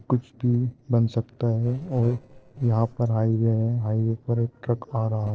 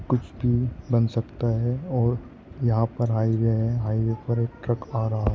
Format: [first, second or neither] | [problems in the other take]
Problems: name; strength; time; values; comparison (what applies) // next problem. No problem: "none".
second | noise reduction (neural separator model SepFormer DNS4)